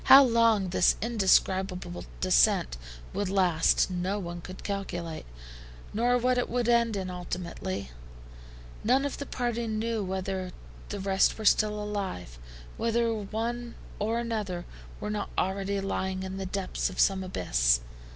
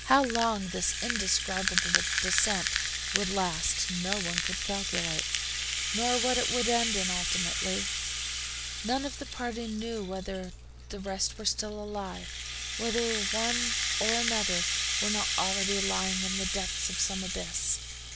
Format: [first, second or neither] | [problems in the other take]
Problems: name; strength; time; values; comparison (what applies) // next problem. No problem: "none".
first | background sound (Rattle (instrument)); 1 dB above the speech